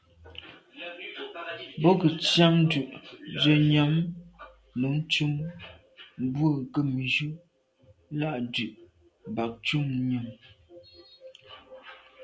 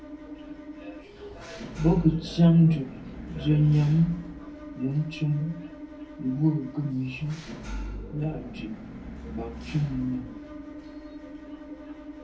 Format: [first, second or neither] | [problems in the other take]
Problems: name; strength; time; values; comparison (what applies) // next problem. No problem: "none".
first | background sound (Engine / Mechanisms); 12 dB below the speech // room echo; dies away in 0.3 s